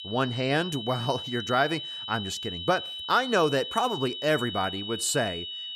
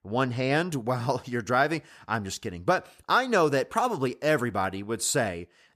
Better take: second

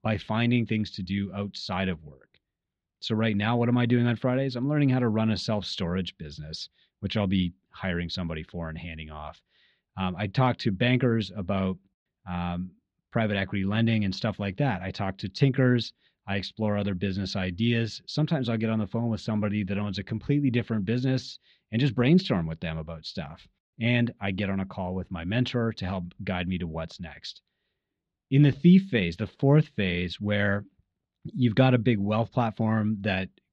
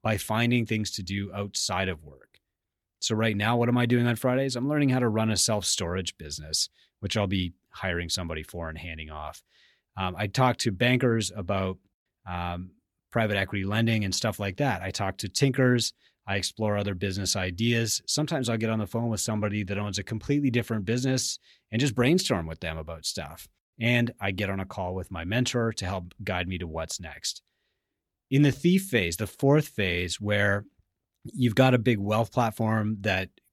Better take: second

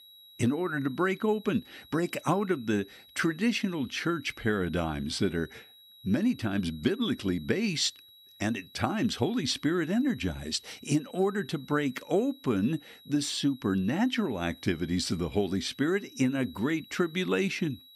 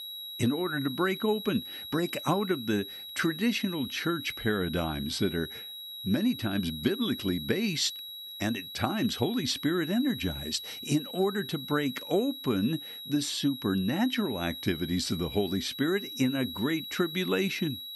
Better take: first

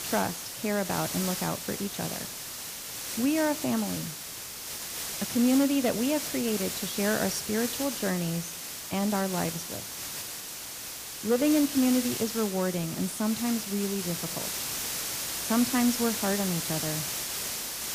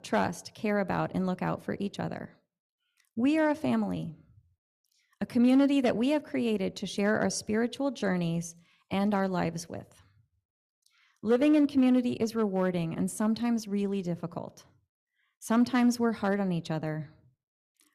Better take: second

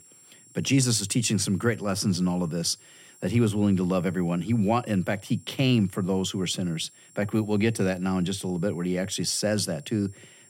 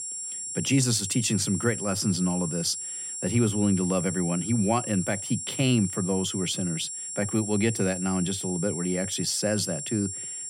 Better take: first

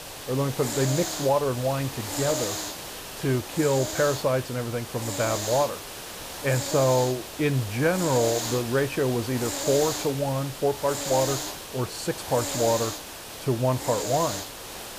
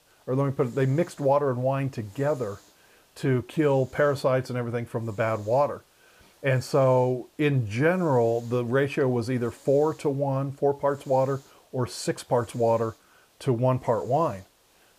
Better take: second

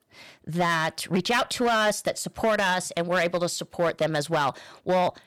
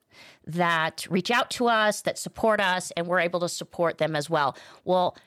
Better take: second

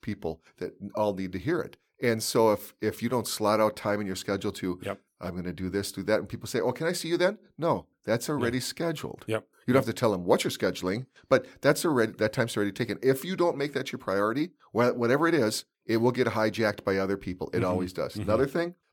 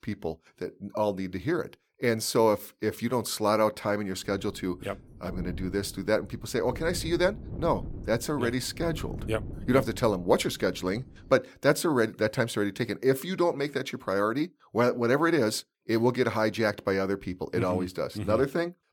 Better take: first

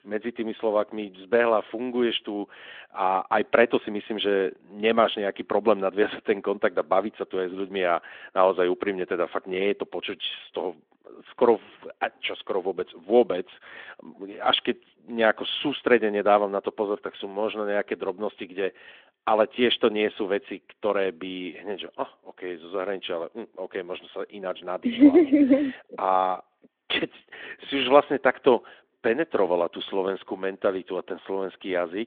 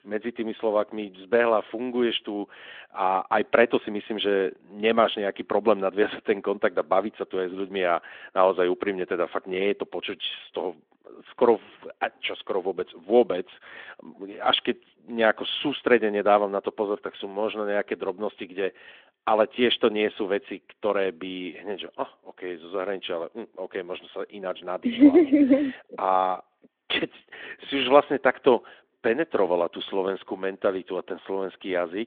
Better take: neither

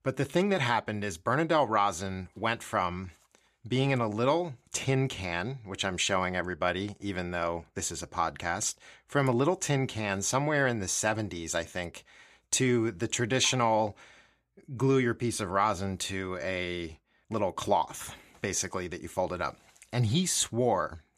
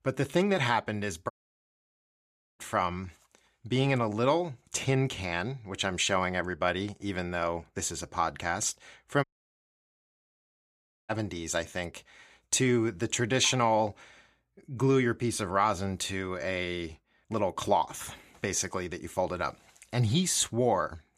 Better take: first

